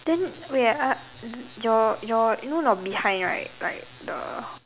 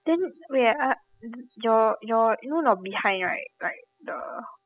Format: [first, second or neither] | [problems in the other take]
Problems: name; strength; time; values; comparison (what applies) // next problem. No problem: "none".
first | noise reduction (classical method spectral subtraction)